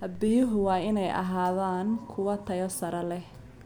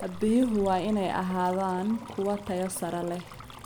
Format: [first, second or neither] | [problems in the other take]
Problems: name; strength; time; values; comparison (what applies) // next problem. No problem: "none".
first | background sound (Stream); 20 dB below the speech